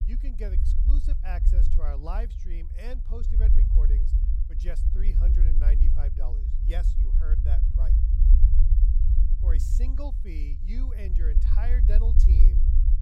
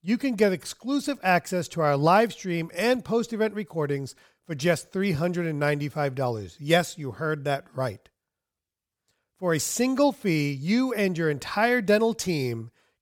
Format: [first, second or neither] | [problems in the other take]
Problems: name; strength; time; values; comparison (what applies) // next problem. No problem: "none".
second | low rumble; loud; throughout; 1 dB below the speech